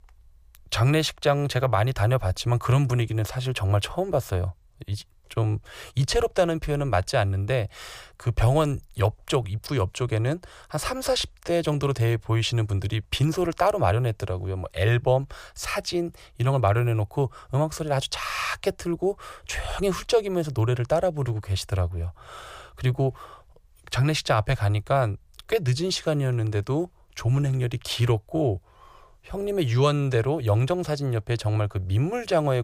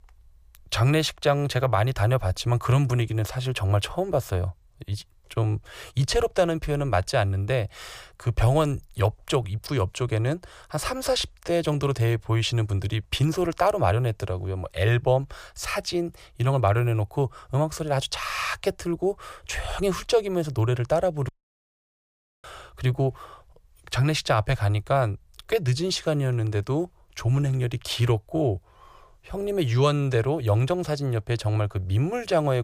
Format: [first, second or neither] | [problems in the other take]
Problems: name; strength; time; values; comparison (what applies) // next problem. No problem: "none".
first | audio cutting out; at 21 s for 1 s